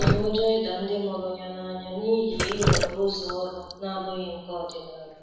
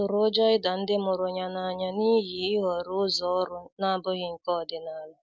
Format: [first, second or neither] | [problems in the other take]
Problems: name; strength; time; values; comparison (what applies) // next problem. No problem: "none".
second | background sound (Drip); 2 dB below the speech // room echo; dies away in 1.1 s